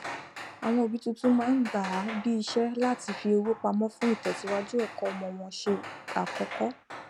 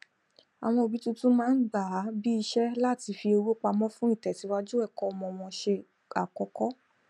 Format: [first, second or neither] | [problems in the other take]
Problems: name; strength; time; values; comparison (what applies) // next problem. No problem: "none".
second | background sound (Hammer); 11 dB below the speech